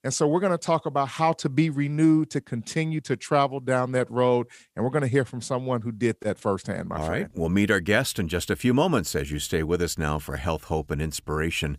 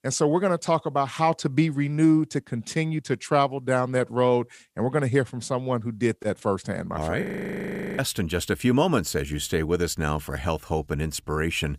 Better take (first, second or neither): first